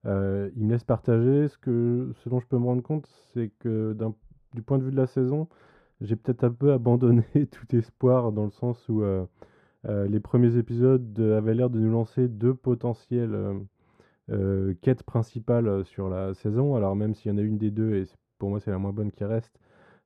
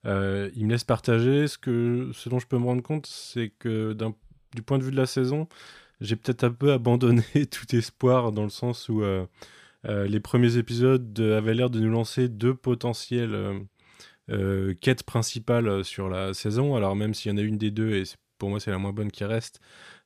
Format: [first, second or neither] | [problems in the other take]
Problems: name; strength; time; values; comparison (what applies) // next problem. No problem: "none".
second | muffled; very; fading above 1.5 kHz